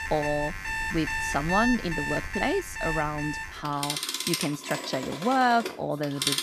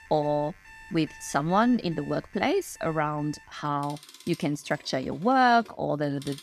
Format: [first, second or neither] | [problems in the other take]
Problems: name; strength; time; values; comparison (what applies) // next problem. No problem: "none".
second | alarms or sirens; loud; throughout; 2 dB below the speech; faint in the second